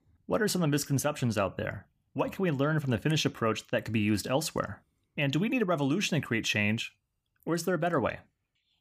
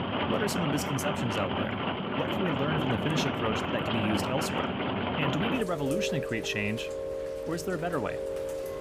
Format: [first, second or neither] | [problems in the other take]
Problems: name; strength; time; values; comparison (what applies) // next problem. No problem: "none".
first | rain or running water; very loud; throughout; 1 dB above the speech